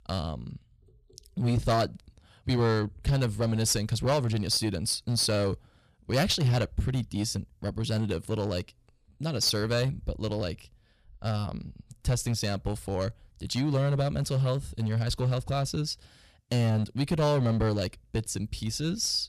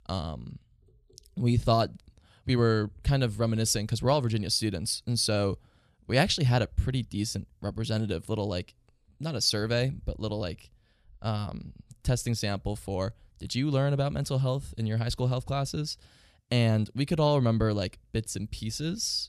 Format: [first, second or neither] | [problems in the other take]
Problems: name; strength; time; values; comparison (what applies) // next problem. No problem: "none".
second | distortion; slight; 6% of the sound clipped